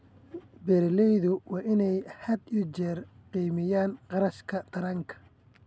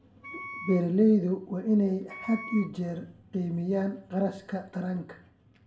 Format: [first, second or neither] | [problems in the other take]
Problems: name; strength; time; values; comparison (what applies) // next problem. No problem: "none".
first | background sound (Wind instrument, woodwind instrument); 14 dB below the speech // room echo; dies away in 0.4 s